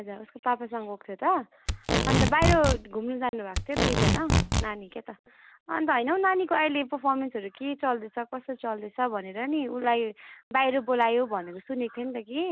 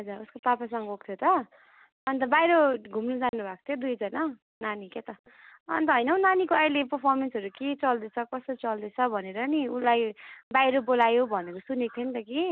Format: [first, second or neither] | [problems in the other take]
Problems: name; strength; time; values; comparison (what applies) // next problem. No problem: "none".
second | background sound (Packing tape, duct tape); 3 dB above the speech